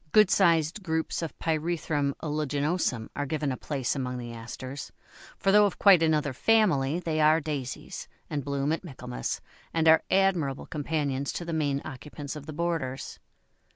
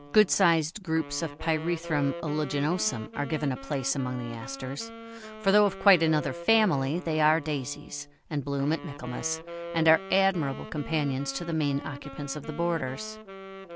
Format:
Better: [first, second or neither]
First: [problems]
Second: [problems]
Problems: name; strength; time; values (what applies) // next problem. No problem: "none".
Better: first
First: none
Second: background sound (Wind instrument, woodwind instrument); 14 dB below the speech